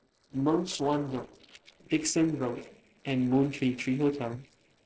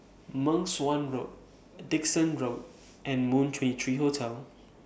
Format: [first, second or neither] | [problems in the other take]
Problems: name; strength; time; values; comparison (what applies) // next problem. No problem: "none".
second | noise reduction (neural separator model SepFormer DNS4)